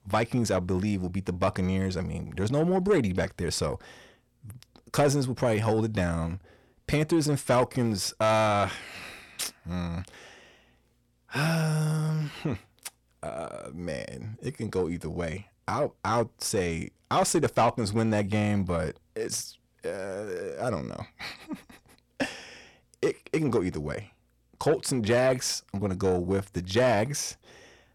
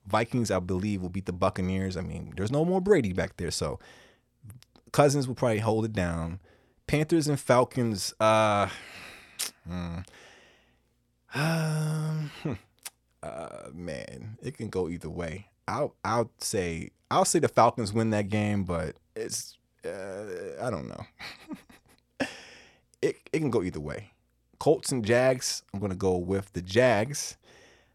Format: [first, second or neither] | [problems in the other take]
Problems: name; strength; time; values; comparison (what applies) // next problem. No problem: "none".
second | distortion; slight; 10 dB below the speech